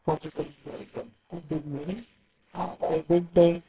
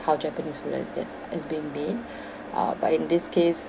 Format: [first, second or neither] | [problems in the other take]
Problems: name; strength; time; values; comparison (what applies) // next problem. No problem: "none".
second | noise reduction (neural separator model SepFormer WHAMR!)